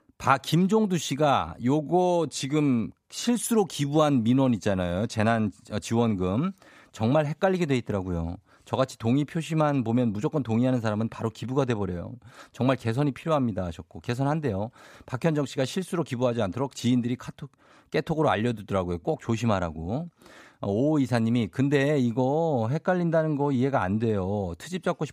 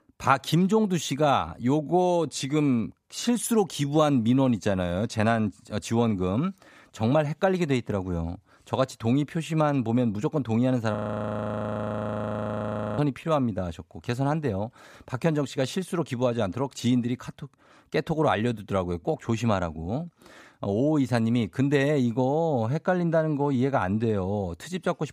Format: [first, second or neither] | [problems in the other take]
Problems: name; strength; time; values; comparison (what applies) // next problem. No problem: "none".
first | audio freezing; at 11 s for 2 s